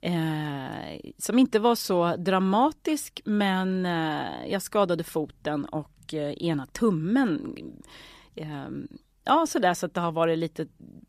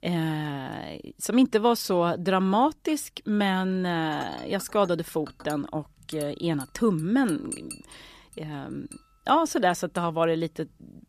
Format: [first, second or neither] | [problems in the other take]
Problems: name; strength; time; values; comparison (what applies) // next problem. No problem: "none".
first | clattering dishes; faint; from 4 to 10 s; peak 10 dB below the speech